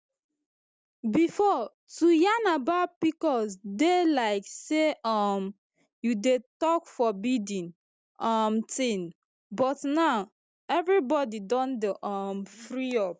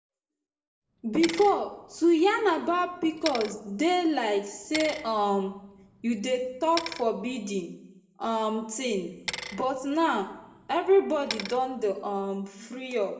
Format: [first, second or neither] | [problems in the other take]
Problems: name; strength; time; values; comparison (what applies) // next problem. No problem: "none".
first | background sound (Bicycle); 14 dB below the speech // room echo; dies away in 0.6 s